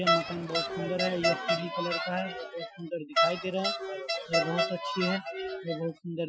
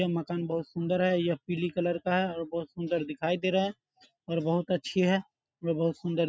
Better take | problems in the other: second | noise reduction (classical method Wiener filter)

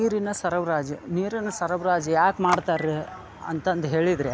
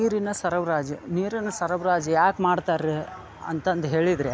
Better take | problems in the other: second | background sound (Telephone); 12 dB below the speech

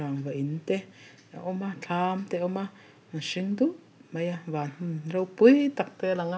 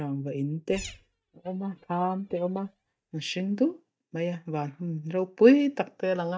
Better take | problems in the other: first | noise reduction (neural mask model DeepFilterNet 3)

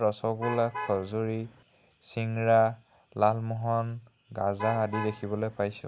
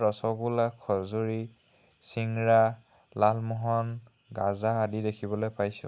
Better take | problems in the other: second | background sound (Alarm / Truck); 10 dB below the speech

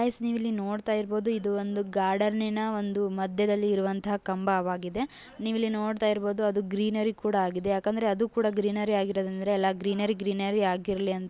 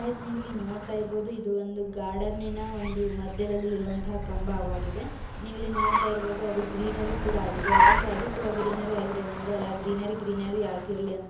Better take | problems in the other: first | background sound (Car); 1 dB above the speech // room echo; dies away in 0.7 s

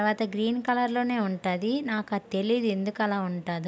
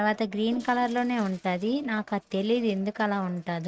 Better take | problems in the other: first | noise reduction (neural mask model RNNoise)

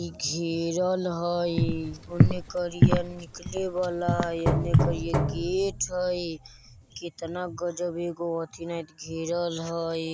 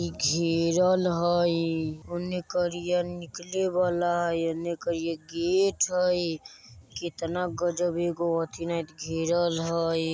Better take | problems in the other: second | background sound (Walk, footsteps + Knock); 4 dB above the speech

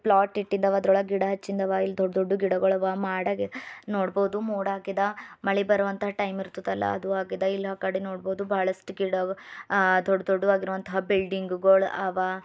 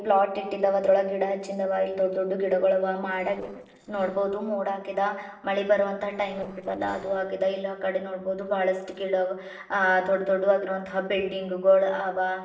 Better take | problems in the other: first | noise reduction (neural separator model SepFormer DNS4)

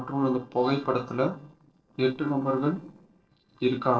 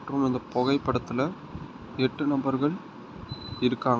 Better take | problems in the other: second | noise reduction (neural separator model SepFormer DNS4)

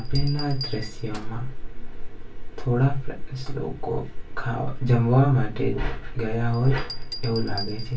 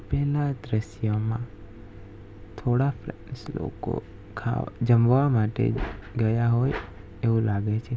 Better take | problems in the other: second | background sound (Bell); 19 dB below the speech // room echo; dies away in 0.1 s

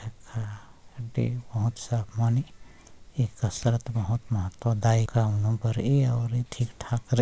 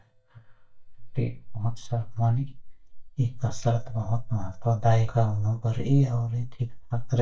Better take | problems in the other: first | noise reduction (neural mask model DeepFilterNet 3)

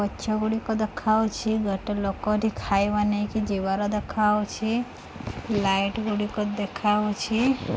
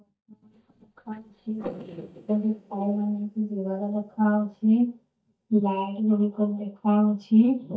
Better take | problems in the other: first | noise reduction (neural mask model DeepFilterNet 3)

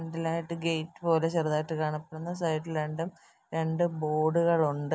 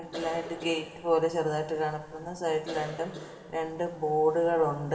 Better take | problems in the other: first | background sound (Cough); 16 dB below the speech // room echo; dies away in 2.3 s

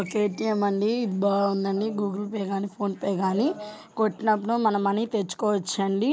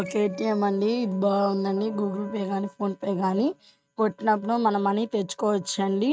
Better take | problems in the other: first | noise reduction (neural mask model RNNoise)

